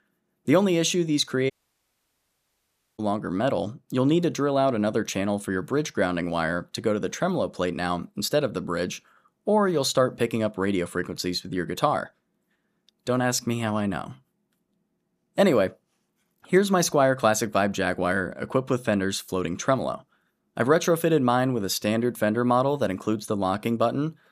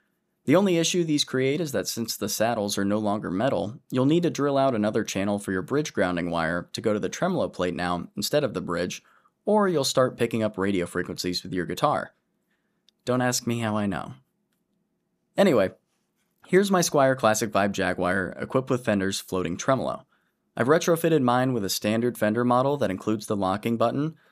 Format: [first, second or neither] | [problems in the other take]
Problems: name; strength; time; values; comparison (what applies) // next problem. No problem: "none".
second | audio cutting out; at 1.5 s for 1.5 s